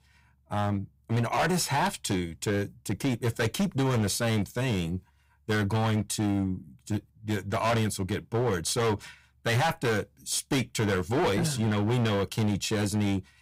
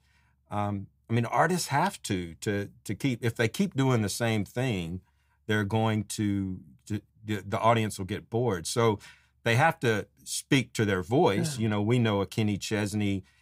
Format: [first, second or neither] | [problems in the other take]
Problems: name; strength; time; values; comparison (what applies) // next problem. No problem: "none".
second | distortion; heavy; 15% of the sound clipped